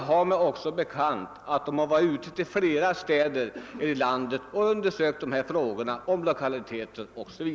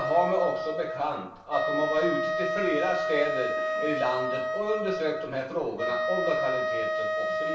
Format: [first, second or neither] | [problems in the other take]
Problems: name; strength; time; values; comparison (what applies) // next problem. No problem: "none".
first | background sound (Wind instrument, woodwind instrument); 1 dB above the speech // room echo; dies away in 0.3 s